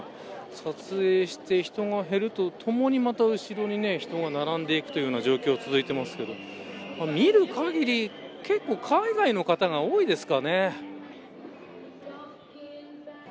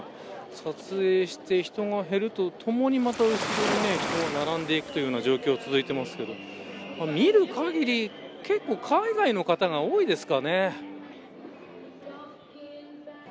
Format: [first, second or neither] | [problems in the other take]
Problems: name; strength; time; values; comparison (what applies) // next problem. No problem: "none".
first | background sound (Waves, surf); 5 dB below the speech